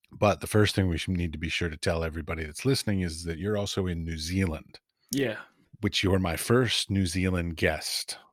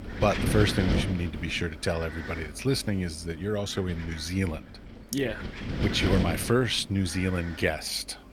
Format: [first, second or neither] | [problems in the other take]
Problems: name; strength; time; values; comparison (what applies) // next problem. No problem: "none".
first | wind noise on the microphone; heavy; 7 dB below the speech